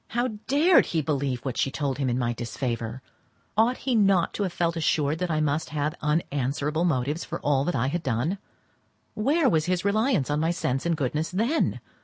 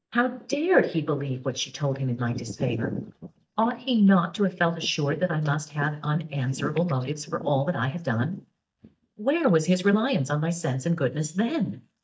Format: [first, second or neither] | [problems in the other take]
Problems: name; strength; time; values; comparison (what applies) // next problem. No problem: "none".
first | noise reduction (neural mask model DeepFilterNet 3)